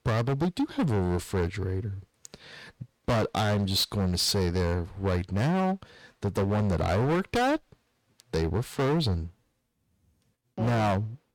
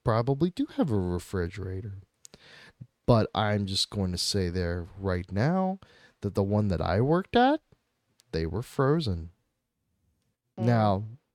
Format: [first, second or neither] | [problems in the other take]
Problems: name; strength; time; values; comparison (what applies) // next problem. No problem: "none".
second | distortion; heavy; 16% of the sound clipped